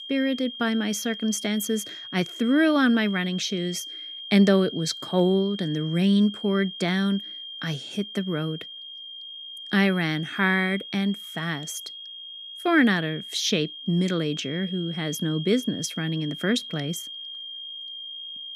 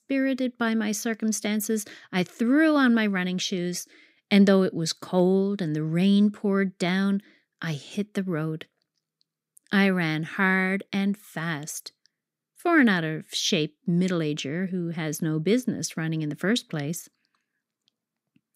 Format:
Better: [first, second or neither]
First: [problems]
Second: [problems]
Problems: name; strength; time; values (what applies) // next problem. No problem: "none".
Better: second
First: high-pitched whine; noticeable; throughout; 3 kHz, 10 dB below the speech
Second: none